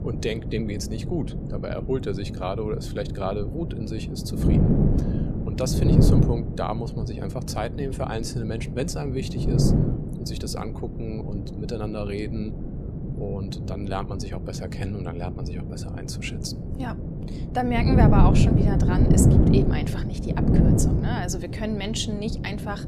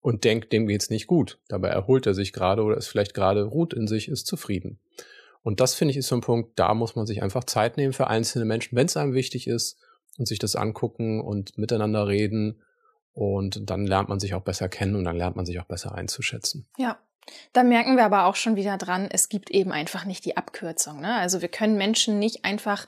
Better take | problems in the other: second | wind noise on the microphone; heavy; 1 dB below the speech

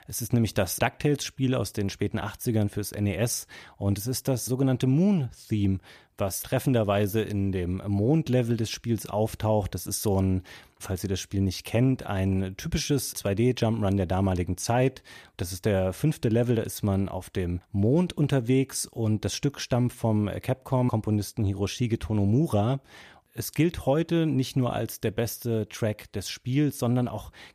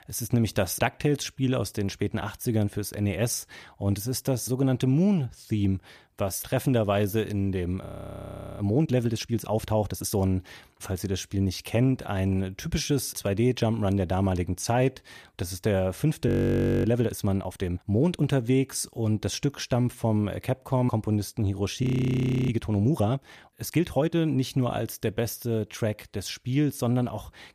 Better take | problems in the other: first | audio freezing; at 8 s for 0.5 s, at 16 s for 0.5 s and at 22 s for 0.5 s

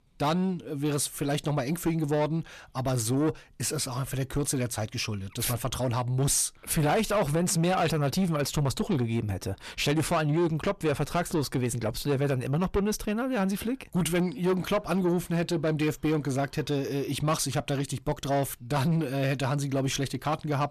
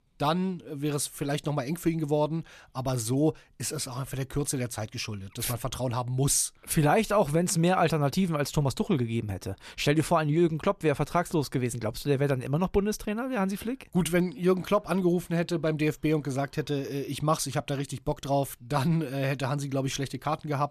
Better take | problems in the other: second | distortion; slight; 10 dB below the speech

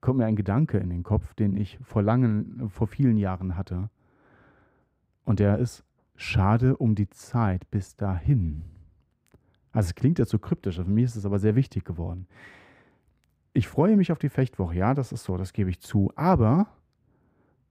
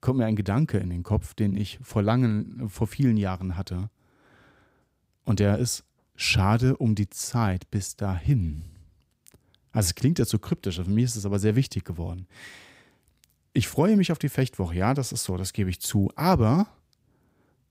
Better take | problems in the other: second | muffled; slightly; fading above 2.5 kHz

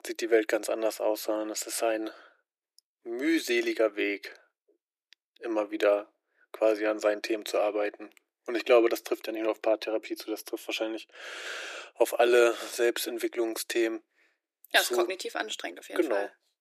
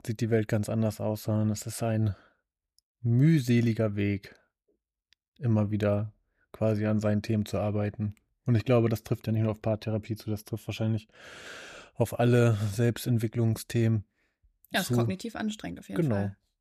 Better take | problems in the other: second | thin; very; fading below 350 Hz

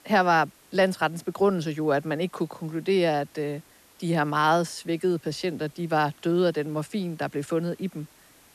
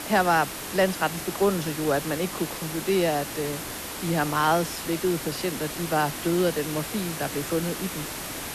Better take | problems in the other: first | hiss; loud; throughout; 6 dB below the speech; faint in the first

